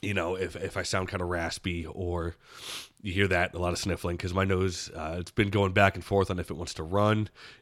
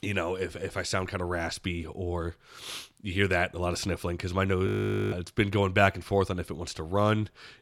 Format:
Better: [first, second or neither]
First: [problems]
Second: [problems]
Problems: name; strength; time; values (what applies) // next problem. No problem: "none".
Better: first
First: none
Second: audio freezing; at 4.5 s